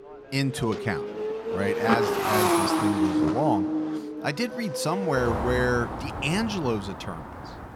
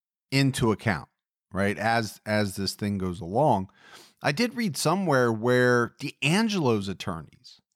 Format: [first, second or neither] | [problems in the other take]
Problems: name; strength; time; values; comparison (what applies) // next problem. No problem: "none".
second | traffic noise; very loud; throughout; 1 dB above the speech